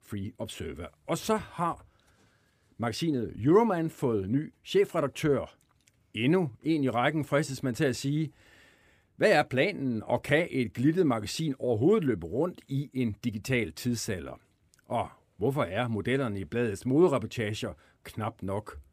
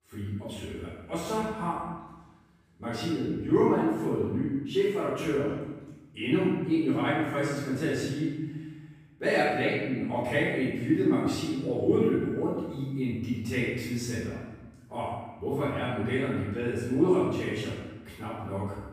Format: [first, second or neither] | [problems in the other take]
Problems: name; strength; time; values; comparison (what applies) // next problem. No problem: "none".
first | off-mic speech; far // room echo; strong; dies away in 1.1 s